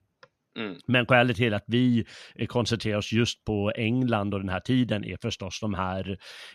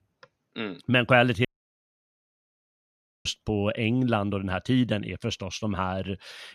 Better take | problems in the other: first | audio cutting out; at 1.5 s for 2 s

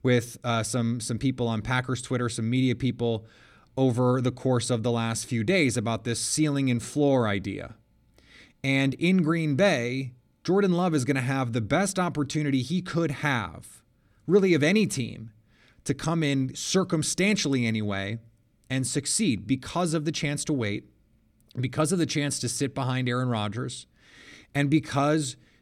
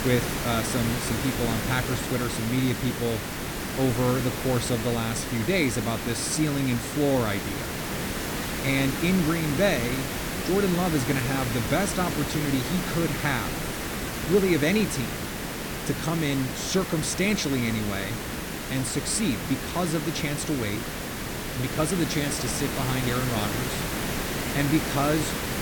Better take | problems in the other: first | hiss; loud; throughout; 3 dB below the speech

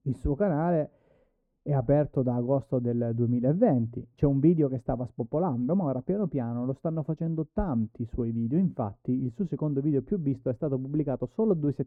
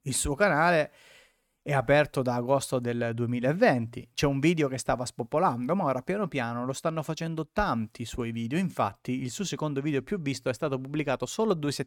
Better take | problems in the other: second | muffled; very; fading above 1.5 kHz

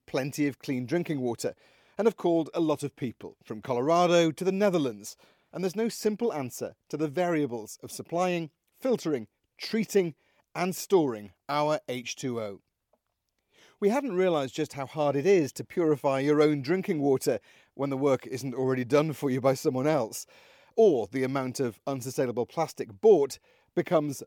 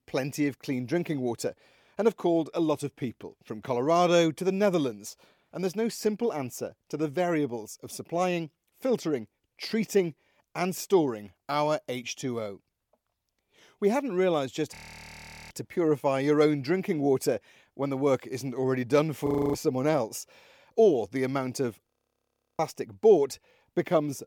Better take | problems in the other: first | audio freezing; at 15 s for 1 s, at 19 s and at 22 s for 0.5 s

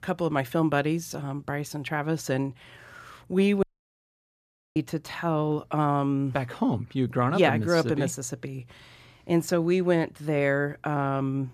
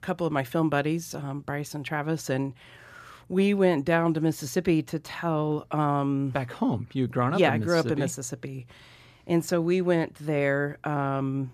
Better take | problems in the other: second | audio cutting out; at 3.5 s for 1 s

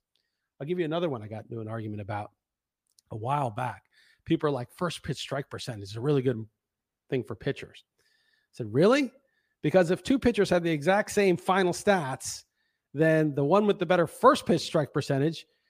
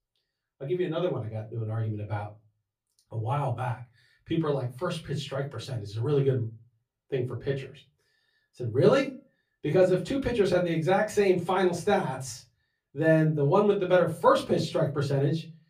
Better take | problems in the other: first | off-mic speech; far // room echo; very slight; dies away in 0.3 s

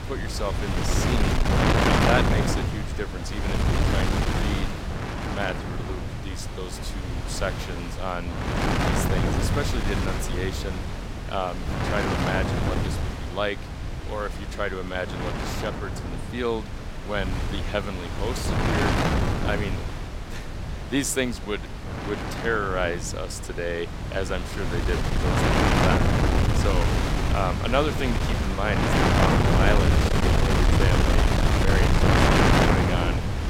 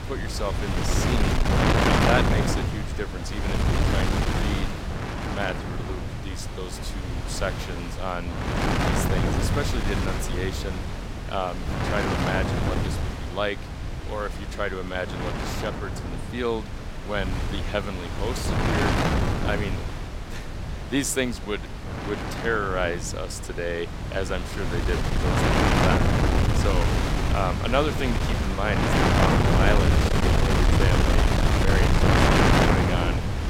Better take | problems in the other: neither | wind noise on the microphone; heavy; 3 dB above the speech; the same in both

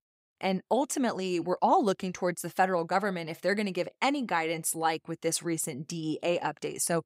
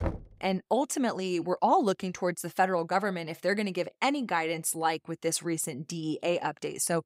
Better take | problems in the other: first | door banging; noticeable; at the start; peak 6 dB below the speech

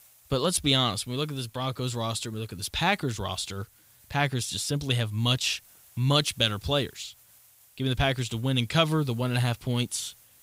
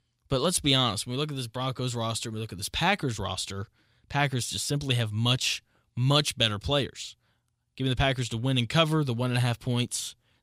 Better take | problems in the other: second | hiss; faint; throughout; 25 dB below the speech

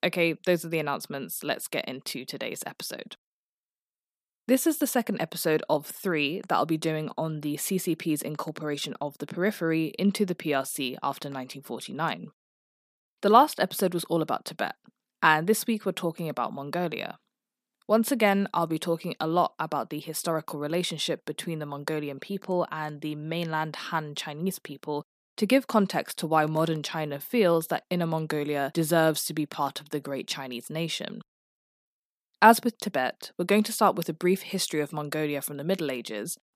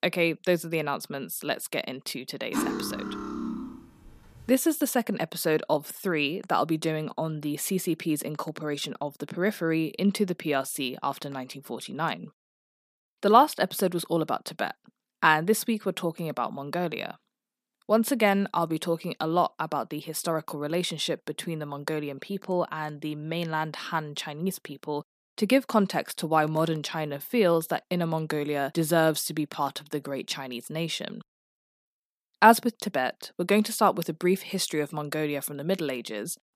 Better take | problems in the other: first | clattering dishes; noticeable; from 2.5 to 4 s; peak 2 dB below the speech

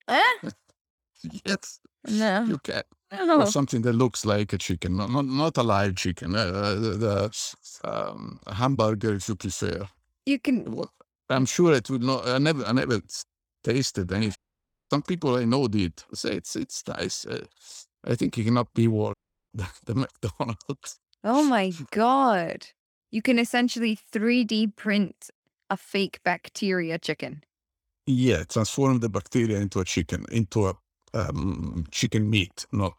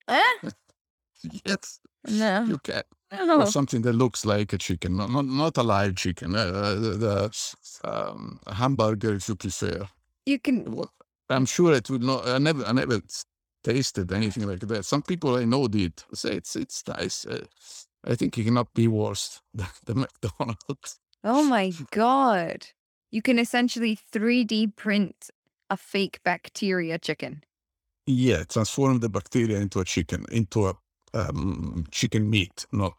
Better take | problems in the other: second | audio cutting out; at 14 s for 0.5 s and at 19 s

